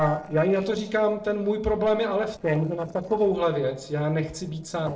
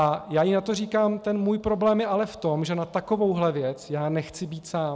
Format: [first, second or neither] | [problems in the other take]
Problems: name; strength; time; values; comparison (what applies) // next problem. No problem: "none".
second | noise reduction (neural separator model SepFormer DNS4)